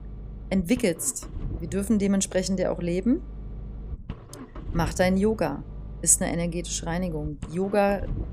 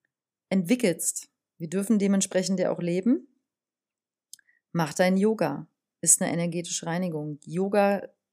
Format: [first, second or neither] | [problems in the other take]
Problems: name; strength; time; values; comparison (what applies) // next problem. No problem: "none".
second | low rumble; faint; throughout; 20 dB below the speech